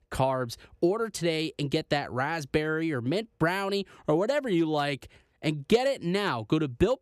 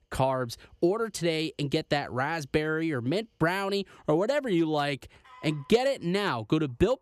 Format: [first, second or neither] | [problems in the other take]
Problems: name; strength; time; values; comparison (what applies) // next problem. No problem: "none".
first | animal sounds; faint; throughout; 25 dB below the speech